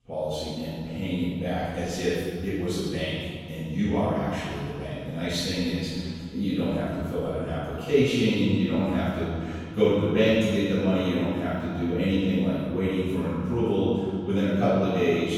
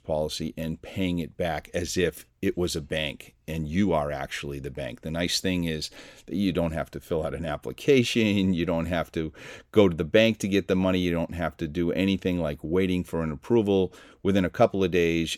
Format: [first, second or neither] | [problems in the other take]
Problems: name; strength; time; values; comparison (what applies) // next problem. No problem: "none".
second | off-mic speech; far // room echo; strong; dies away in 2.2 s